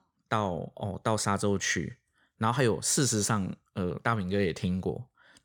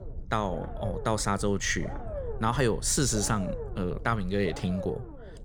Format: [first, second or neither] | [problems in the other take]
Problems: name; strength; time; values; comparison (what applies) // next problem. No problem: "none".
first | low rumble; noticeable; throughout; 10 dB below the speech